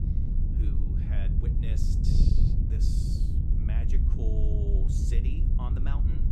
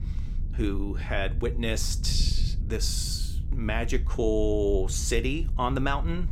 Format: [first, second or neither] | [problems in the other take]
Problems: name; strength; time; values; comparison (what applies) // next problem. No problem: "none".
second | wind noise on the microphone; heavy; 2 dB above the speech; occasional gusts in the second